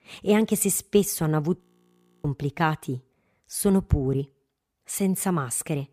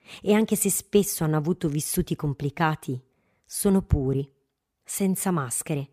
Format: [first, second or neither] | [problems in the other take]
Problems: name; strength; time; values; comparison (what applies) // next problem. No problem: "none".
second | audio freezing; at 1.5 s for 0.5 s